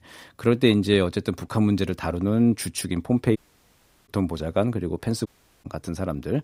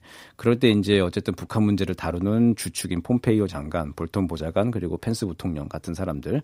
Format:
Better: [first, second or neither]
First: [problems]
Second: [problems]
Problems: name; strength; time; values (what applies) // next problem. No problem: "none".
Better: second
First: audio cutting out; at 3.5 s for 0.5 s and at 5.5 s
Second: none